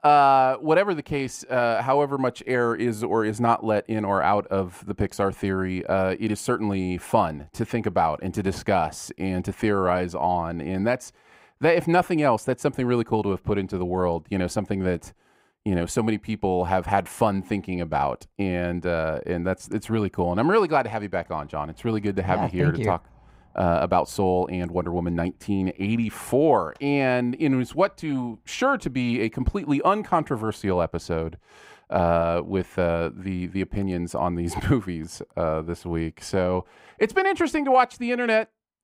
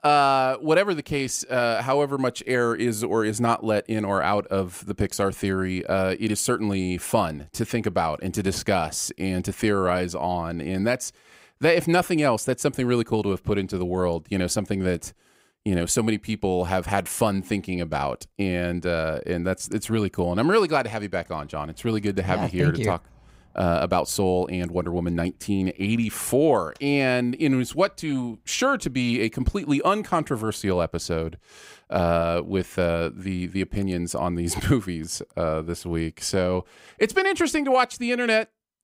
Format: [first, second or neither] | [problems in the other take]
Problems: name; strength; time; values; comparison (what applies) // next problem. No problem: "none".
second | muffled; slightly; fading above 3 kHz